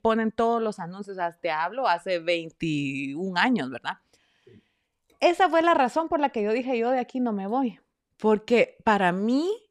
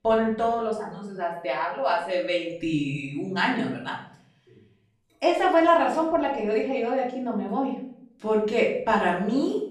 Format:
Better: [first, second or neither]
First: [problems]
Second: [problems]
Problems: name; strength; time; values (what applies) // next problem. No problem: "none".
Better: first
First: none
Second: off-mic speech; far // room echo; noticeable; dies away in 0.6 s